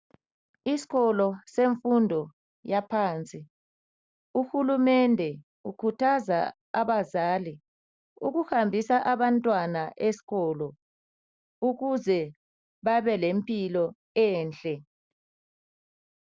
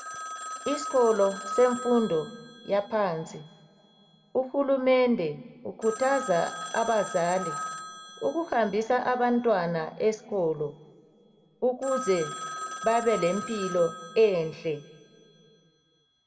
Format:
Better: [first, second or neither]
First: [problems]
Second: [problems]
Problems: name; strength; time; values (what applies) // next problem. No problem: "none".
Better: first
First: none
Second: background sound (Telephone); 12 dB below the speech // room echo; dies away in 1.4 s